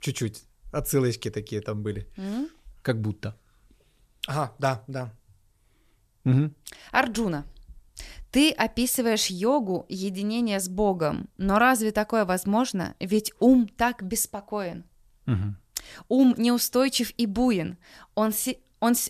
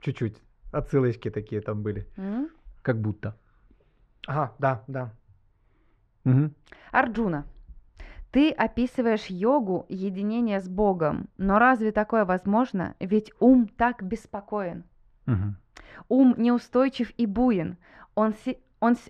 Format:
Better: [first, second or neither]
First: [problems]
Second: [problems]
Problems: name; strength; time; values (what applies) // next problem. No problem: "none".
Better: first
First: none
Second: muffled; very; fading above 1.5 kHz